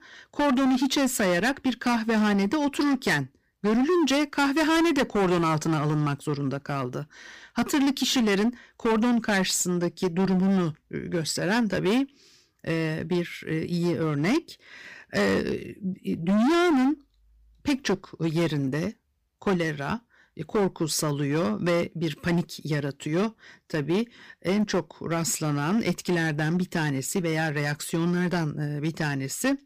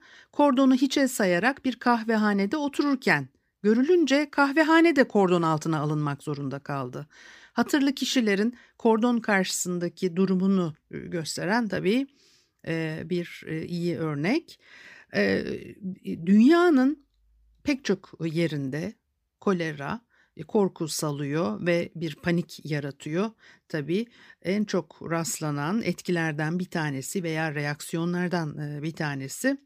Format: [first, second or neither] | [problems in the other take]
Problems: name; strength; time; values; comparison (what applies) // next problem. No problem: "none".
second | distortion; heavy; 14% of the sound clipped